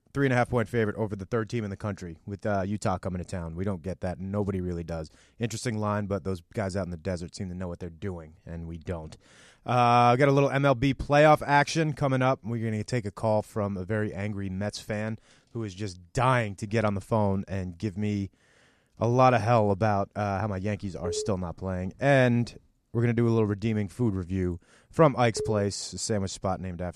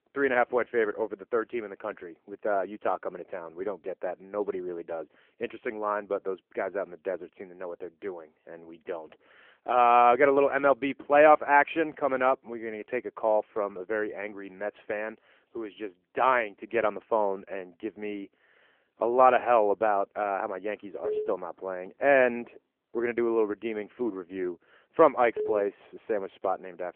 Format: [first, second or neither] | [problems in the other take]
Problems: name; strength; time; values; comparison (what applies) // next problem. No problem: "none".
first | phone-call audio